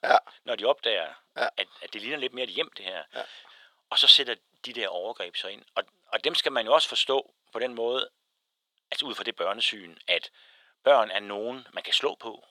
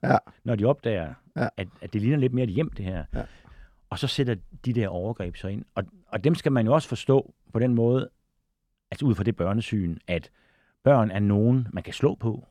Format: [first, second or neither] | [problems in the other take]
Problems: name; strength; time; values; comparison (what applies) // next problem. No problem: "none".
second | thin; very; fading below 600 Hz